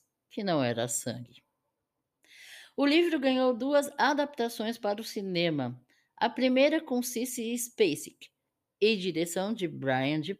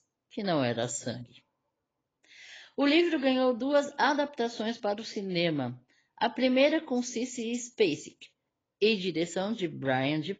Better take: first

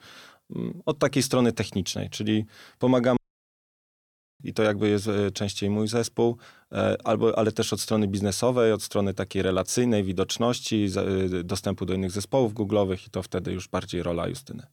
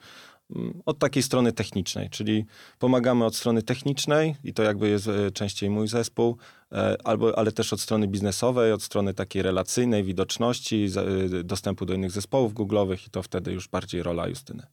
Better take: second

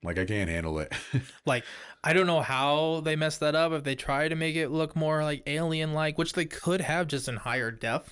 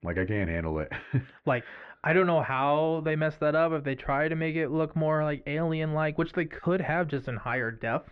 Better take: first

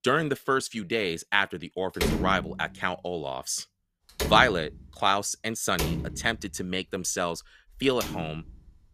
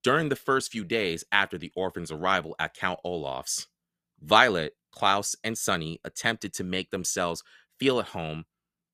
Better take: second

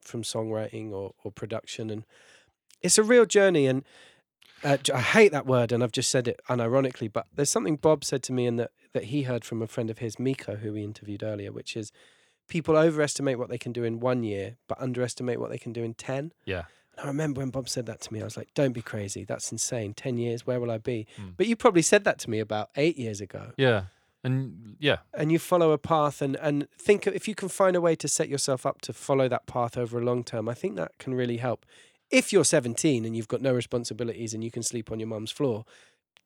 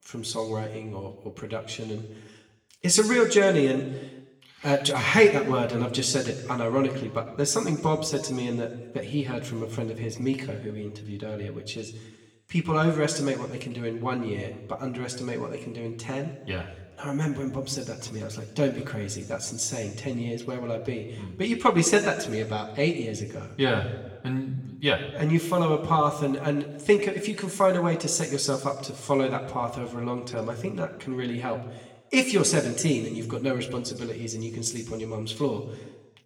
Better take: first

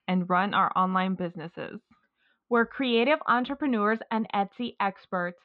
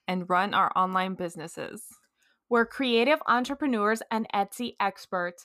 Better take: second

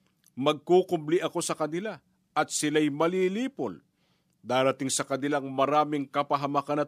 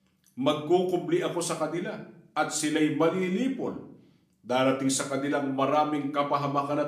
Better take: first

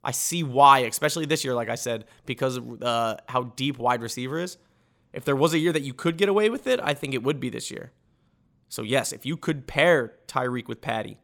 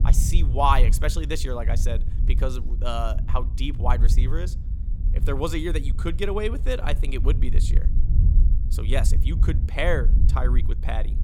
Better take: first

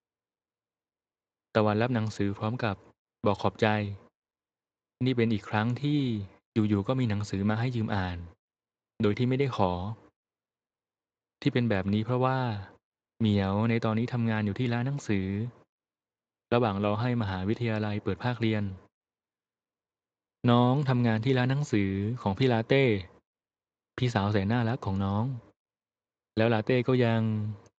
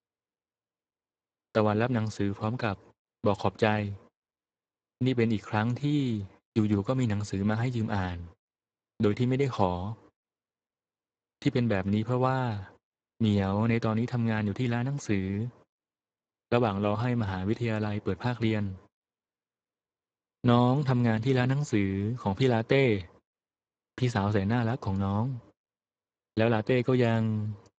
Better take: first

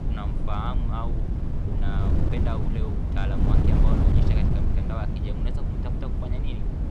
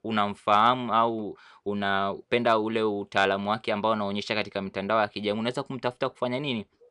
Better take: second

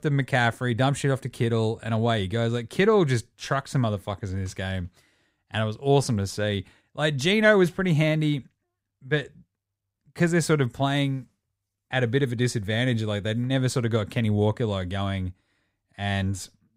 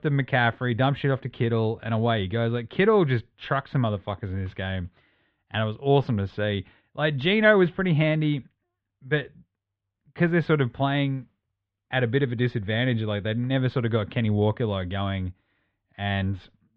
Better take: first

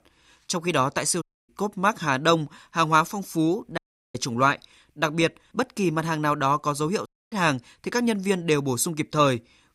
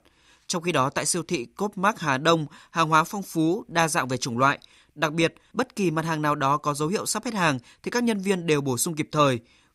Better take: second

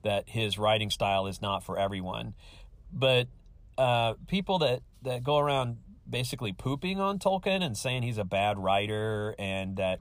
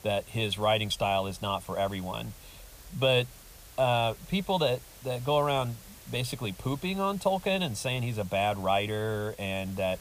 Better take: first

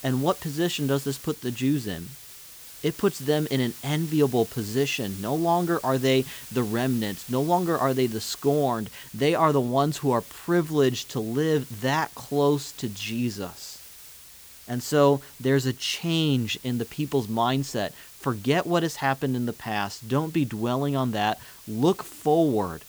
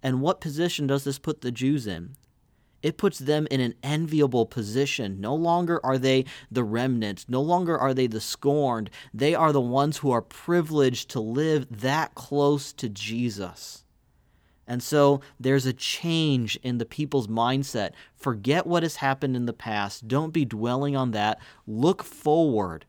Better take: second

